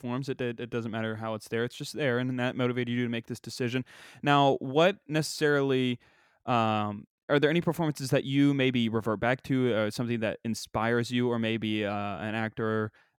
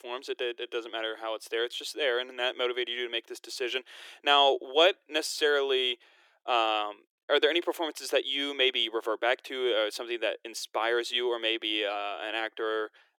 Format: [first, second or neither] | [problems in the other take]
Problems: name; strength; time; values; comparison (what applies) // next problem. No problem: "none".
first | thin; very; fading below 350 Hz